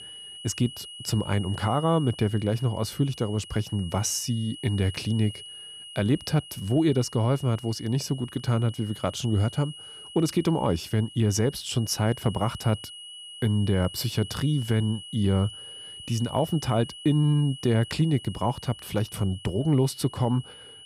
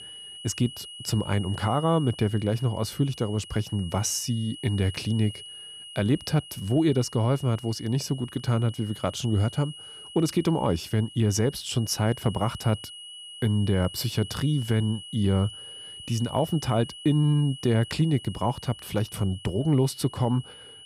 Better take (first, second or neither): neither